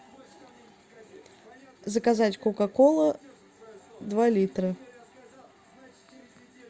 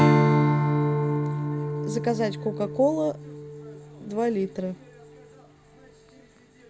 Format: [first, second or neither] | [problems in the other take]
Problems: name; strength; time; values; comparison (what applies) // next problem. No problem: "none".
first | background sound (Strum); 4 dB above the speech